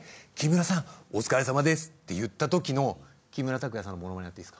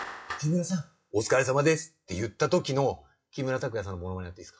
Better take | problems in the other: first | noise reduction (classical method WPE with log-MMSE)

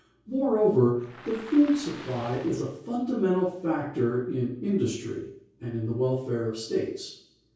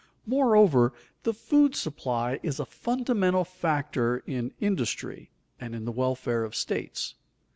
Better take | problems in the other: second | background sound (Waves, surf); 18 dB below the speech // room echo; dies away in 0.6 s

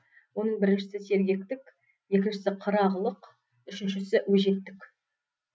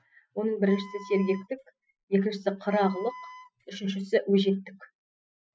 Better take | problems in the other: first | noise reduction (classical method spectral subtraction)

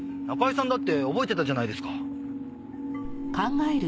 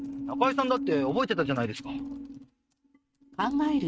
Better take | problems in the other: first | noise reduction (neural mask model RNNoise)

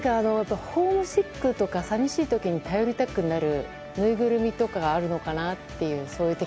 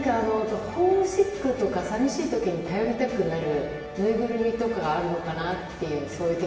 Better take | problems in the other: first | room echo; dies away in 1.1 s

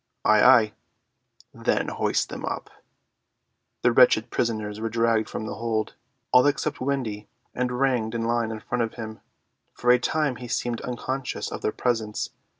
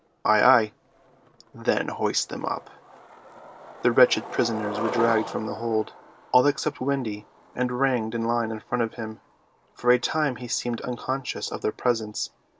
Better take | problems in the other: first | background sound (Skateboard); 14 dB below the speech

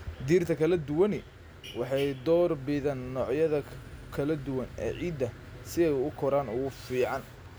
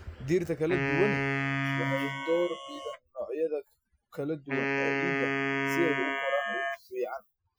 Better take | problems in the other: first | noise reduction (classical method Wiener filter)

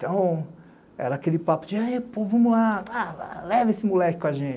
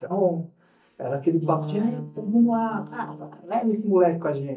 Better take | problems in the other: first | noise reduction (neural mask model DeepFilterNet 3)

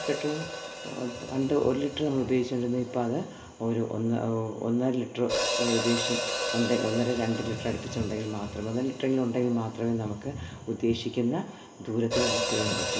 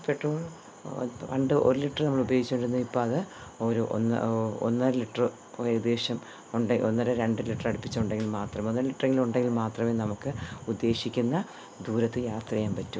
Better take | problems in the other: second | background sound (Hi-hat); 6 dB below the speech // room echo; dies away in 2.3 s

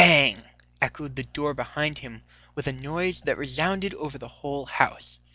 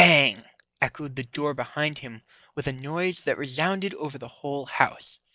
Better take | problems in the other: first | noise reduction (neural mask model Resemble Enhance denoiser)

